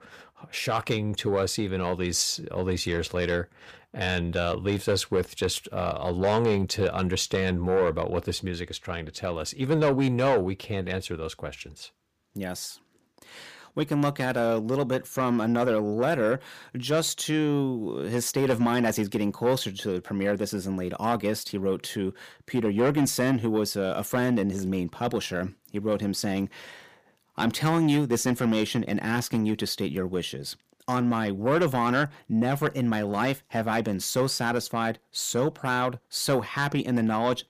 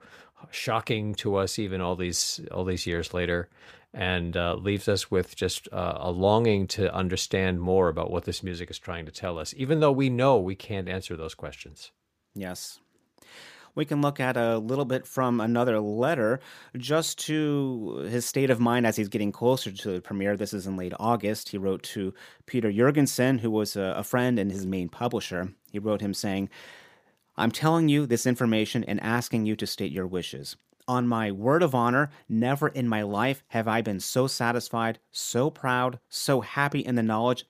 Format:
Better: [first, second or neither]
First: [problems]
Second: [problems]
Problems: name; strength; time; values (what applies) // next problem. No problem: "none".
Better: second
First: distortion; slight; 10 dB below the speech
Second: none